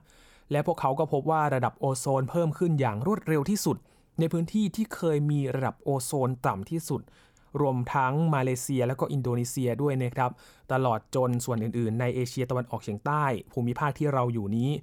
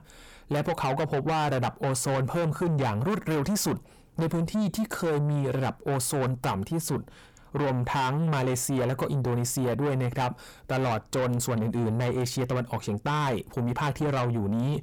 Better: first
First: none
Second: distortion; heavy; 8 dB below the speech

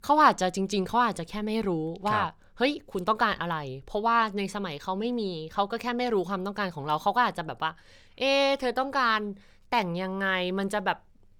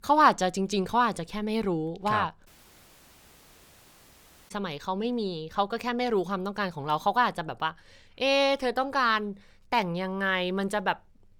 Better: first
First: none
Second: audio cutting out; at 2.5 s for 2 s

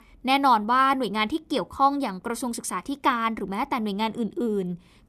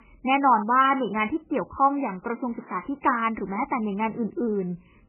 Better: first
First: none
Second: garbled, watery; badly; nothing above 2.5 kHz

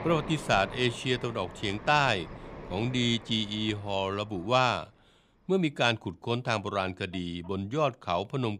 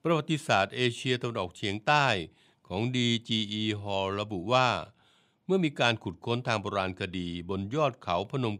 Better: second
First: animal sounds; noticeable; throughout; 15 dB below the speech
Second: none

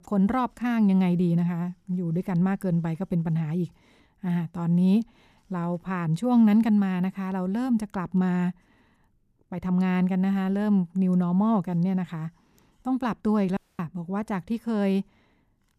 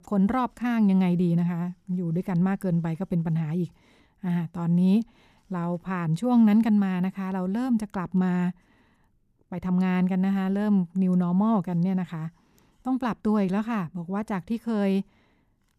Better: second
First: audio cutting out; at 14 s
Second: none

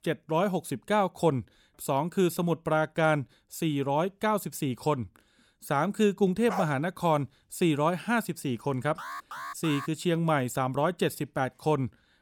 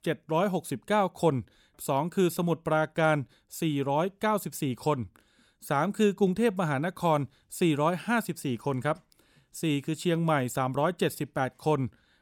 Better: second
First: dog barking; noticeable; at 6.5 s; peak 7 dB below the speech // alarm; faint; at 9 s; peak 10 dB below the speech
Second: none

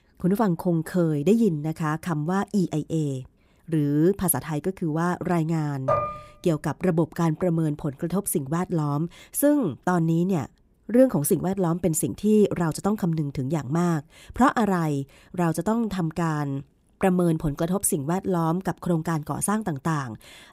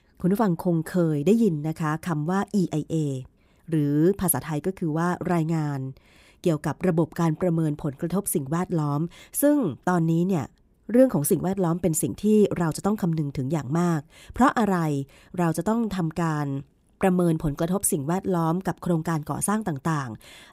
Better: second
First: clattering dishes; noticeable; at 6 s; peak 1 dB below the speech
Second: none

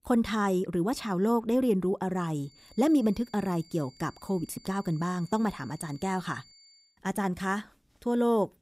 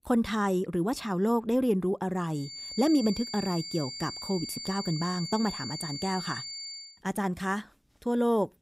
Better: first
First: high-pitched whine; faint; from 2.5 to 7 s; 4.5 kHz, 25 dB below the speech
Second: high-pitched whine; loud; from 2.5 to 7 s; 4.5 kHz, 7 dB below the speech

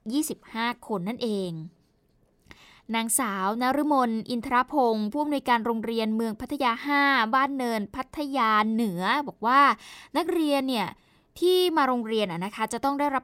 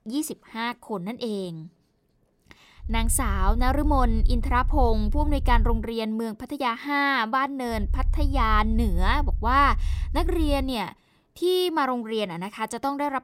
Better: first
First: none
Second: low rumble; faint; from 3 to 6 s and from 8 to 11 s; 25 dB below the speech

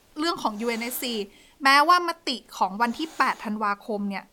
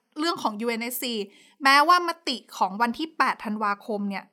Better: second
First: hiss; faint; throughout; 20 dB below the speech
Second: none

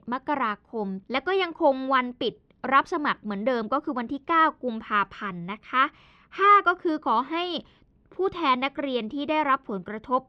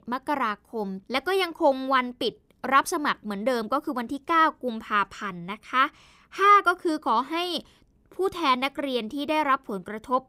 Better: second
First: muffled; slightly; fading above 3.5 kHz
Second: none

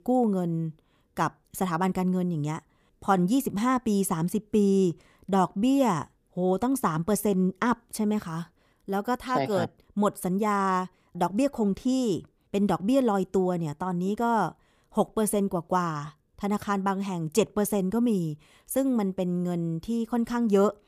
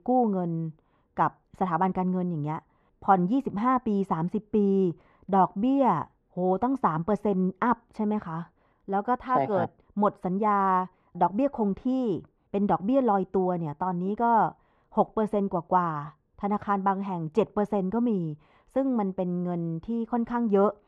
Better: first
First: none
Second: muffled; very; fading above 2 kHz

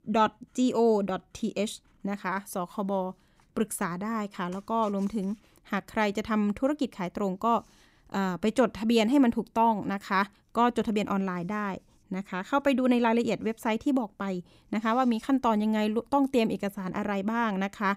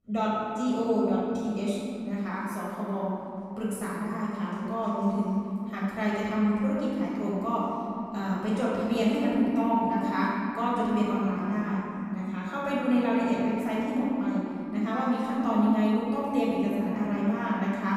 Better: first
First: none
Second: room echo; strong; dies away in 2.8 s // off-mic speech; far

